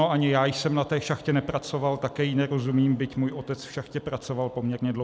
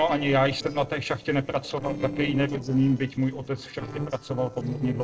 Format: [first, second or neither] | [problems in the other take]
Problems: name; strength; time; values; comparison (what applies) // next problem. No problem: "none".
first | noise reduction (neural separator model SepFormer DNS4)